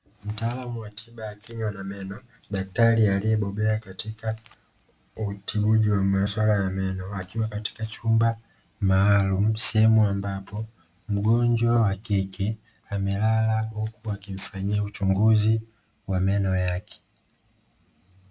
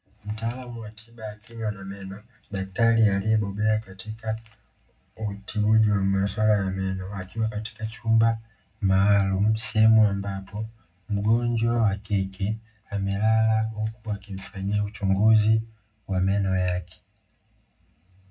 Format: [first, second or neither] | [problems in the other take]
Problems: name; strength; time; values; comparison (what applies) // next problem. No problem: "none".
first | room echo; dies away in 0.3 s